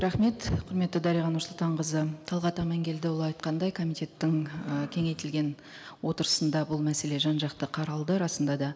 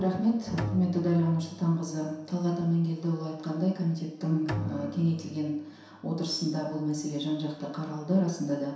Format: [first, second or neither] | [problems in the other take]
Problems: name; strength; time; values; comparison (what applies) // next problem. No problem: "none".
first | background sound (Bowed string instrument); 13 dB below the speech // room echo; dies away in 0.7 s